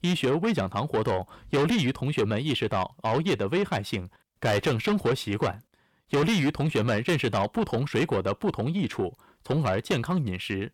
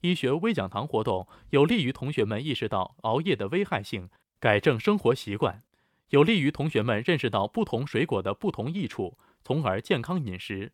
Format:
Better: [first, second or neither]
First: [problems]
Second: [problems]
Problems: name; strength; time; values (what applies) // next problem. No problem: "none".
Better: second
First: distortion; heavy; 8 dB below the speech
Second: none